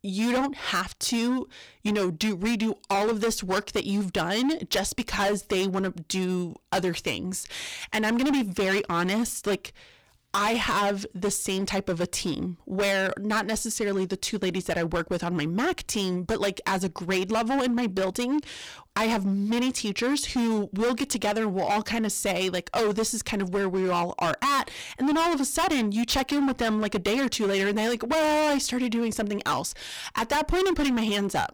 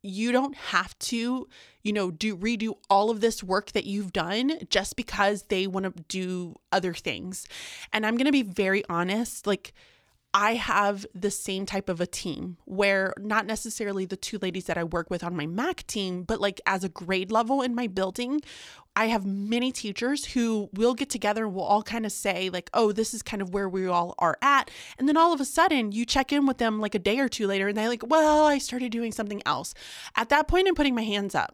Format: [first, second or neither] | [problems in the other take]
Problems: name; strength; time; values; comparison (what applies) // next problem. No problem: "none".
second | distortion; heavy; 18% of the sound clipped